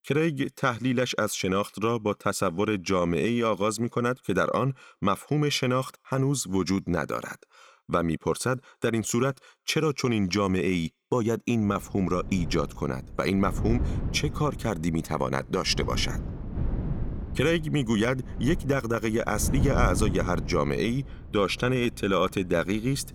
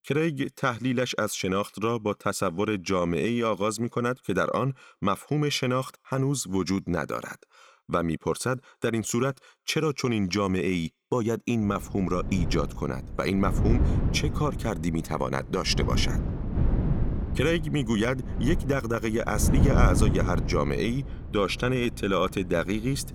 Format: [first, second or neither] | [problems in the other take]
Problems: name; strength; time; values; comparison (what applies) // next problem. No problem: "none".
first | wind noise on the microphone; heavy; from 12 s on; 10 dB below the speech; occasional gusts in the first